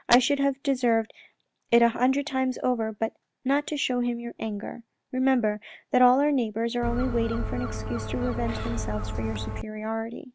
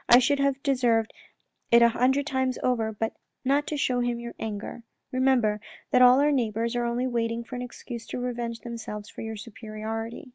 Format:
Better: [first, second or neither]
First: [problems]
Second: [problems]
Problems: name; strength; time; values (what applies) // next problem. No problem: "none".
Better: second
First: background sound (Gull, seagull); 4 dB below the speech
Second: none